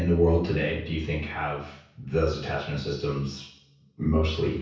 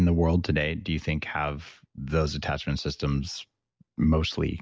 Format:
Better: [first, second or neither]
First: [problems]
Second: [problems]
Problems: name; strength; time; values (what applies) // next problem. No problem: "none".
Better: second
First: room echo; dies away in 0.6 s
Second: none